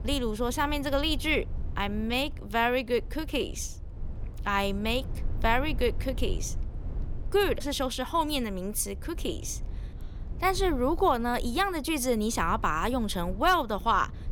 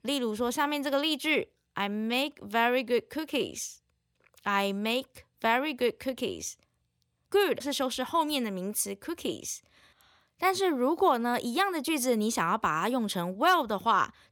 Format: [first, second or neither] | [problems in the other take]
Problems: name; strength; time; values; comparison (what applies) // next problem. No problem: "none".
second | low rumble; faint; throughout; 25 dB below the speech